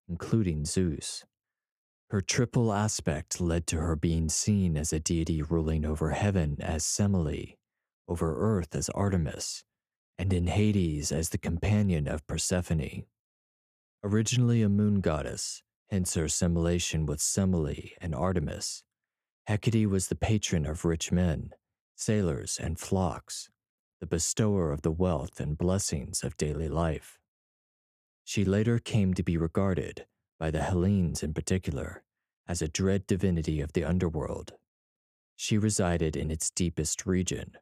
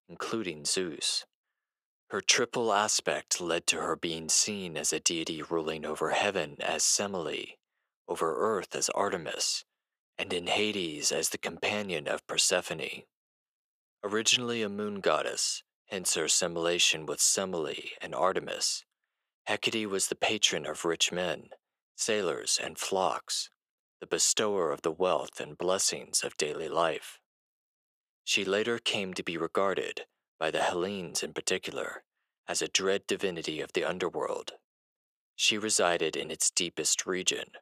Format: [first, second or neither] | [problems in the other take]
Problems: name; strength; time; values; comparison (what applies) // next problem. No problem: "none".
first | thin; very; fading below 500 Hz